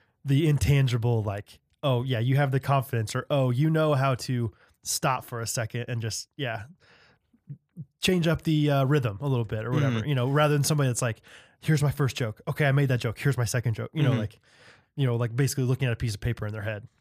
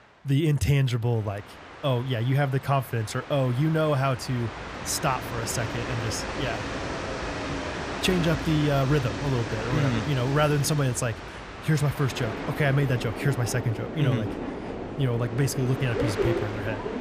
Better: first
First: none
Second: train or aircraft noise; loud; throughout; 7 dB below the speech

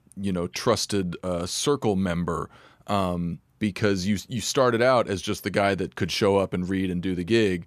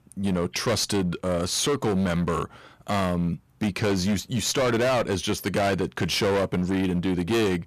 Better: first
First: none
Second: distortion; heavy; 21% of the sound clipped

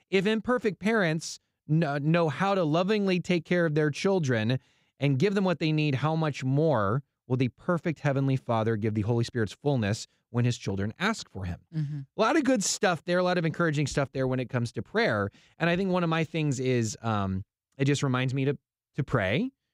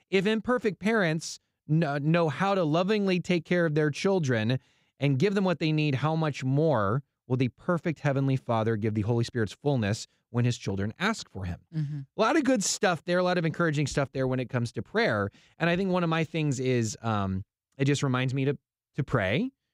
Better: neither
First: none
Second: none

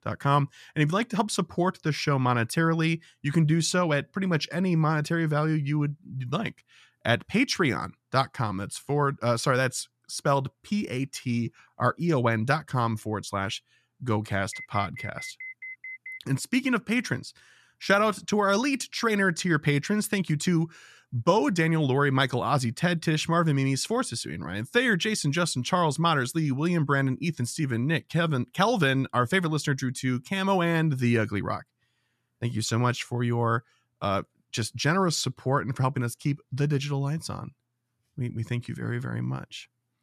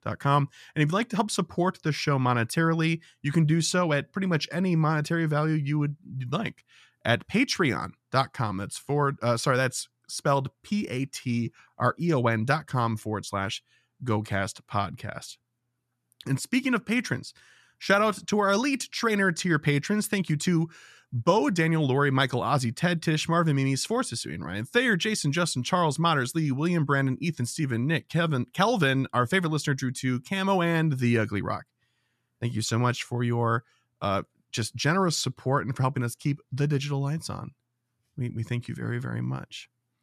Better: second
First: alarm; faint; from 15 to 16 s; peak 10 dB below the speech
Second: none

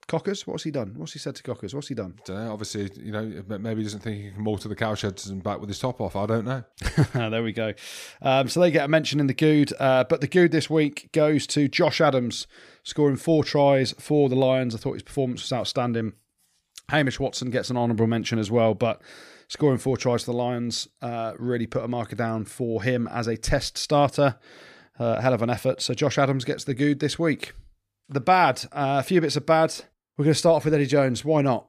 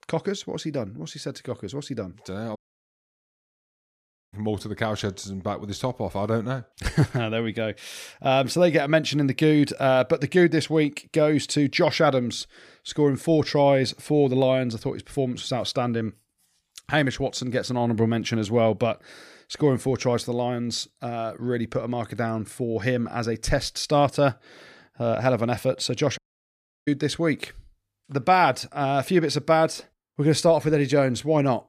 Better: first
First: none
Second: audio cutting out; at 2.5 s for 2 s and at 26 s for 0.5 s

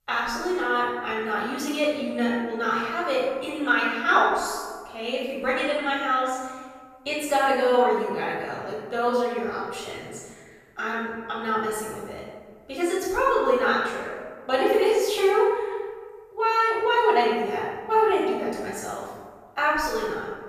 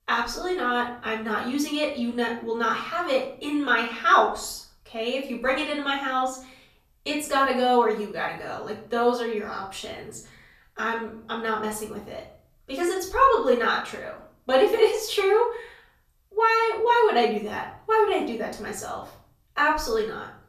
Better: second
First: room echo; strong; dies away in 1.3 s // off-mic speech; far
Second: room echo; slight; dies away in 0.5 s // off-mic speech; far

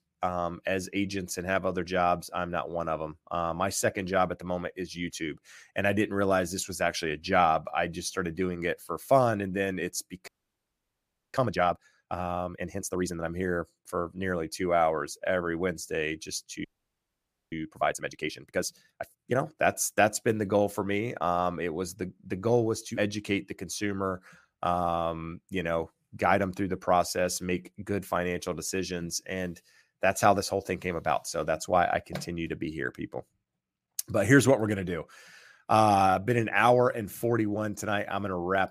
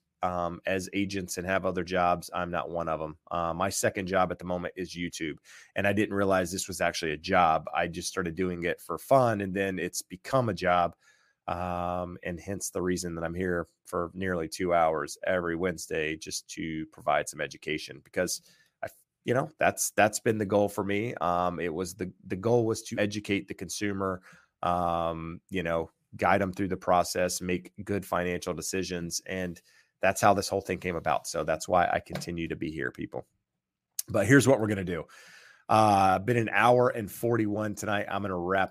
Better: second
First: audio freezing; at 10 s for 1 s and at 17 s for 1 s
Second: none

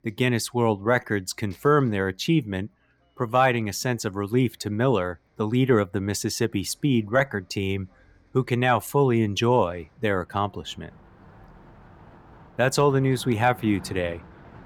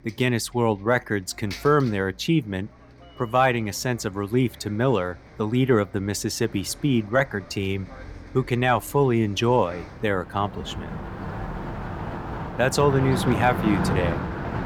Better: first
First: traffic noise; faint; throughout; 25 dB below the speech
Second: traffic noise; loud; throughout; 7 dB below the speech

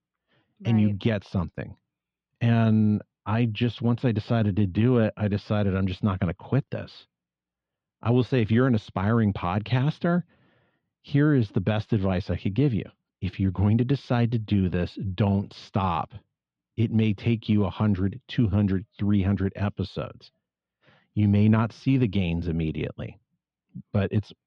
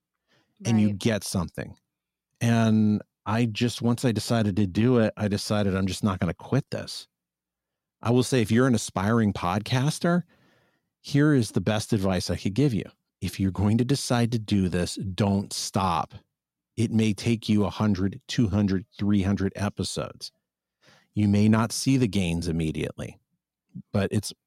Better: second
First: muffled; slightly; fading above 3 kHz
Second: none

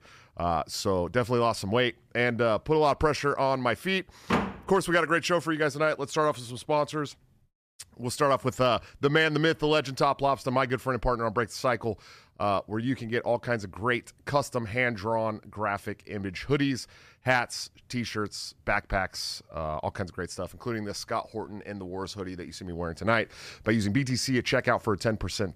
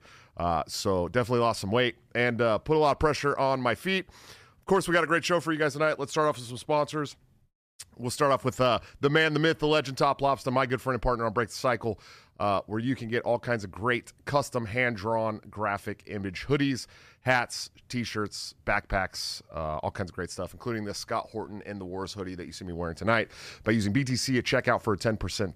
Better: second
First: door banging; noticeable; at 4.5 s; peak 1 dB below the speech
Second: none

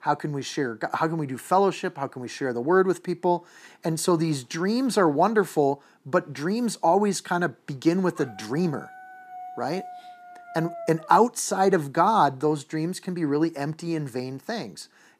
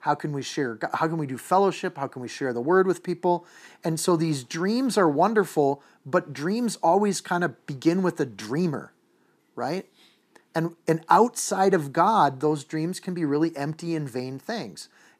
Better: second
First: dog barking; faint; from 8 to 11 s; peak 15 dB below the speech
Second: none

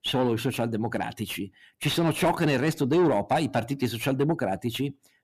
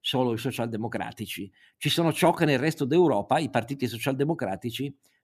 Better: second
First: distortion; slight; 10 dB below the speech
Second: none

